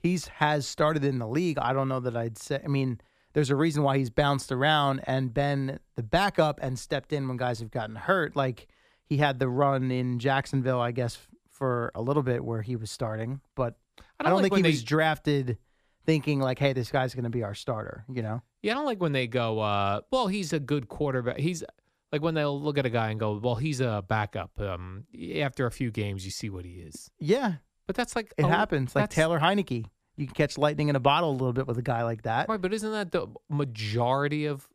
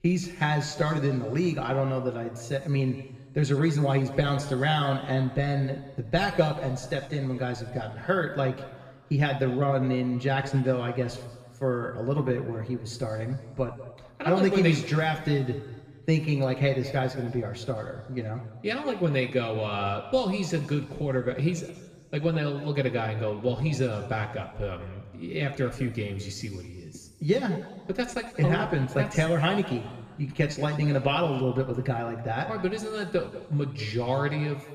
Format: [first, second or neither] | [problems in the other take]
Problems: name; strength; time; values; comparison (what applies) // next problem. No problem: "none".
first | room echo; noticeable; dies away in 1.6 s // off-mic speech; somewhat distant